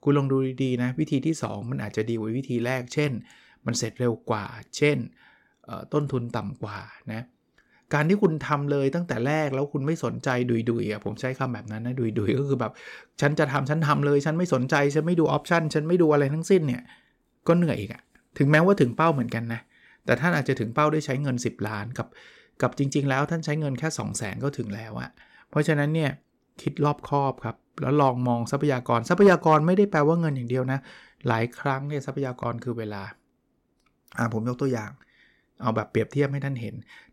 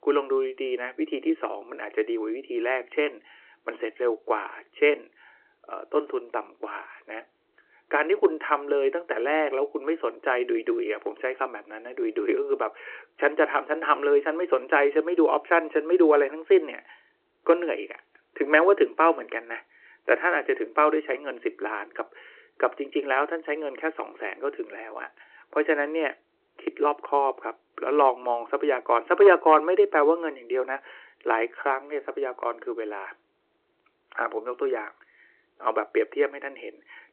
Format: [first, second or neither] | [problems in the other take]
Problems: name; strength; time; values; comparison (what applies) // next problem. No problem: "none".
first | phone-call audio